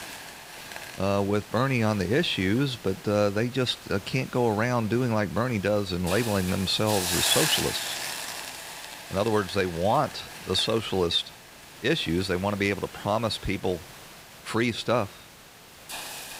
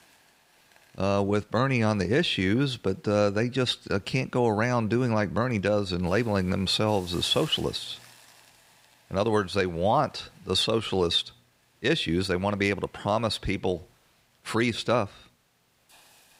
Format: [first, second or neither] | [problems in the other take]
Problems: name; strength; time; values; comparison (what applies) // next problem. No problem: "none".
second | hiss; loud; throughout; 8 dB below the speech; faint in the second